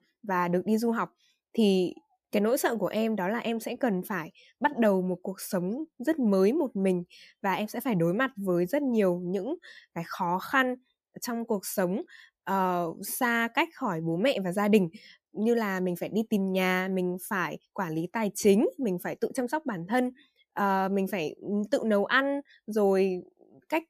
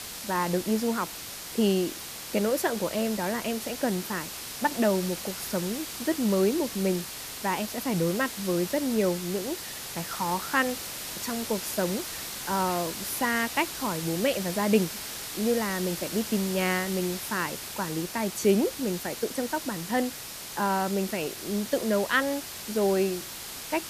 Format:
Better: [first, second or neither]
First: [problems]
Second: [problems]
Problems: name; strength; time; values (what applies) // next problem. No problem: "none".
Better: first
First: none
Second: hiss; loud; throughout; 7 dB below the speech